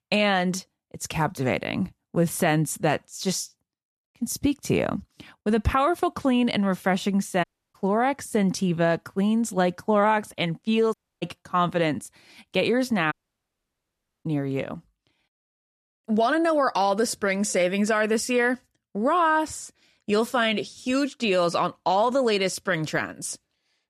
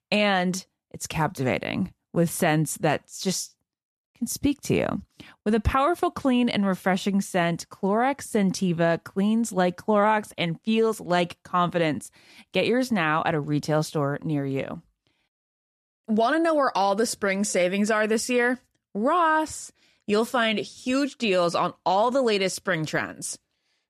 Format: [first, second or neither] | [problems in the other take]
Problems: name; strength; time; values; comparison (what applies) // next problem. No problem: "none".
second | audio cutting out; at 7.5 s, at 11 s and at 13 s for 1 s